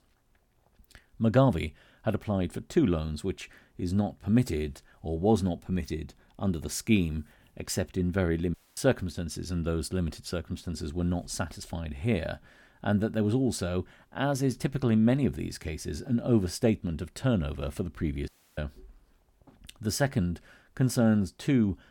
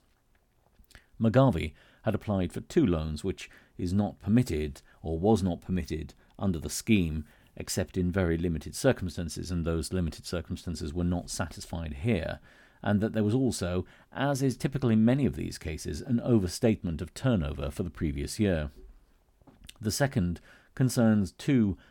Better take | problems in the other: second | audio cutting out; at 8.5 s and at 18 s

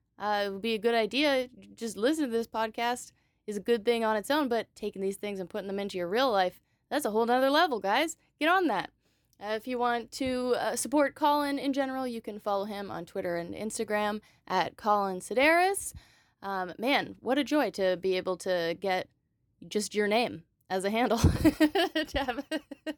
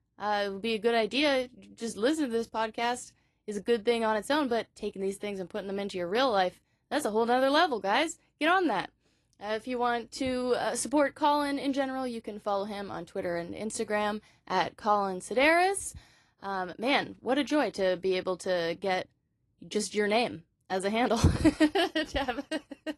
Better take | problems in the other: first | garbled, watery; slightly; nothing above 11.5 kHz

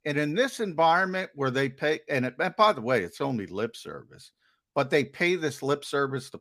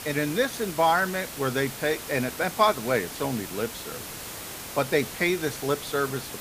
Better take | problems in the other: first | hiss; loud; throughout; 9 dB below the speech

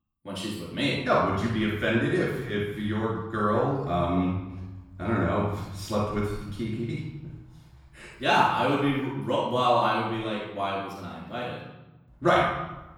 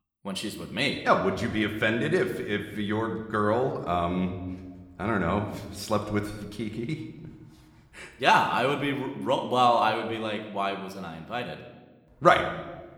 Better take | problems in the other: second | room echo; strong; dies away in 1 s; slight in the second // off-mic speech; far

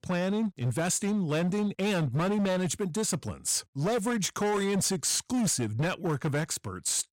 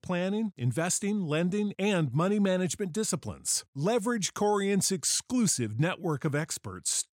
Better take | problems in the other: second | distortion; slight; 20% of the sound clipped

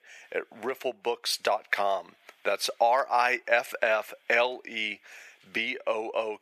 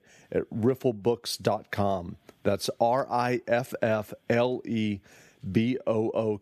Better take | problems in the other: second | thin; very; fading below 750 Hz

